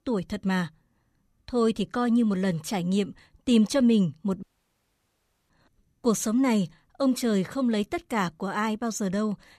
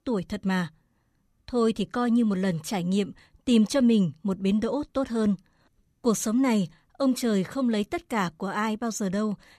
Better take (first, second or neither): second